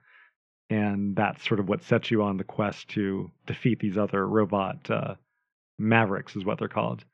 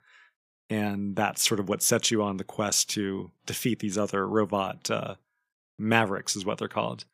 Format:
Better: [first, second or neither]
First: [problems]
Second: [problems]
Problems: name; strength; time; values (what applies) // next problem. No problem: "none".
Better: second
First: muffled; very; fading above 2.5 kHz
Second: none